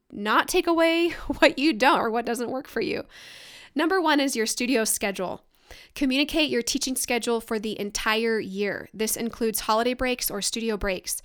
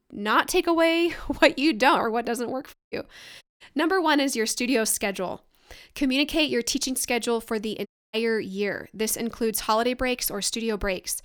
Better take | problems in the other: first | audio cutting out; at 2.5 s, at 3.5 s and at 8 s

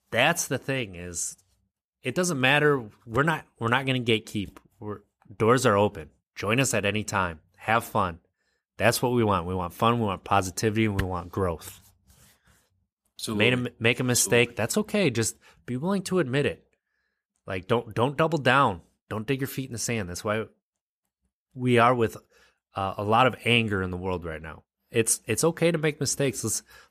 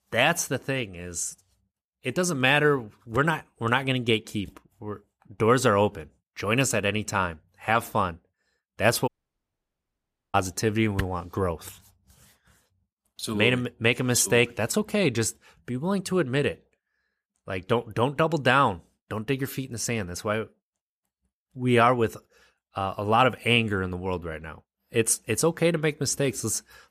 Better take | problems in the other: first | audio cutting out; at 9 s for 1.5 s

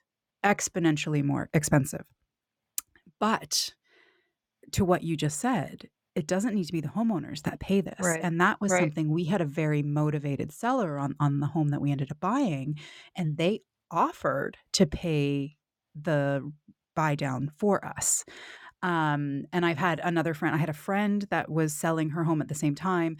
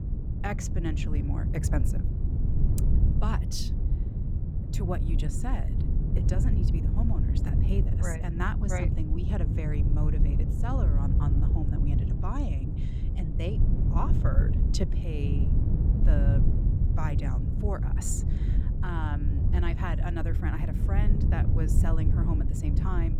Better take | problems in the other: first | wind noise on the microphone; heavy; 3 dB below the speech

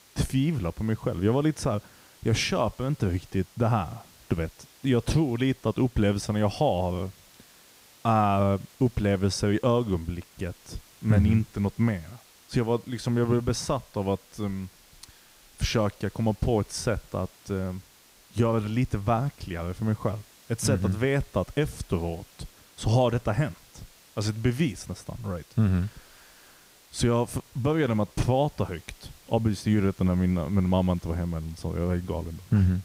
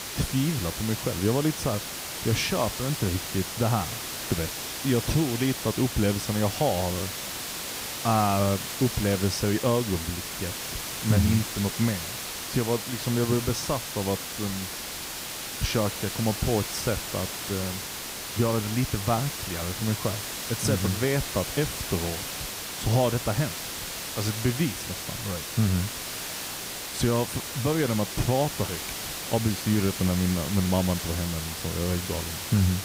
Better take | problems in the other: first | hiss; loud; throughout; 4 dB below the speech; faint in the first

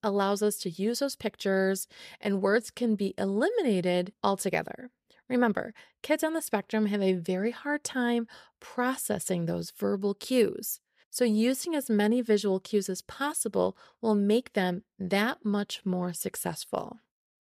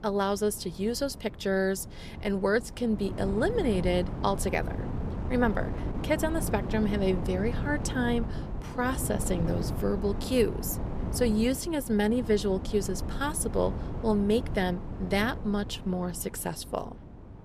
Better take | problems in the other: first | wind noise on the microphone; occasional gusts; 10 dB below the speech

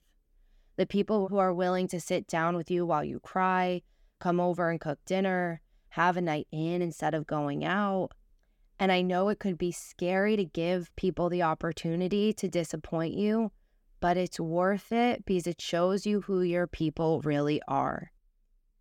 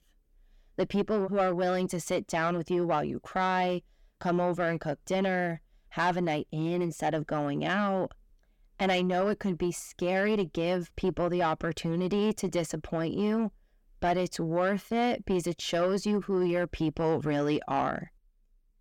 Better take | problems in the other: first | distortion; slight; 10 dB below the speech

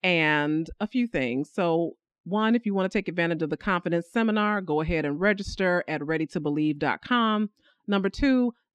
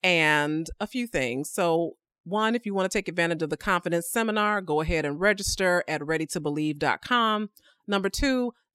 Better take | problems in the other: second | muffled; slightly; fading above 3 kHz

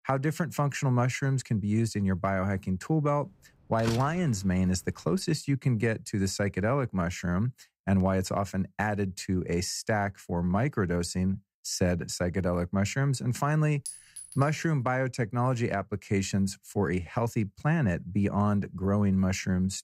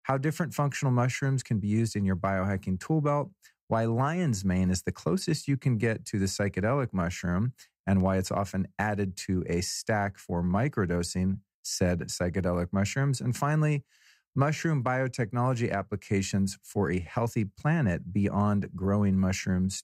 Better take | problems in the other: second | door banging; noticeable; at 4 s; peak 9 dB below the speech // clattering dishes; faint; at 14 s; peak 10 dB below the speech

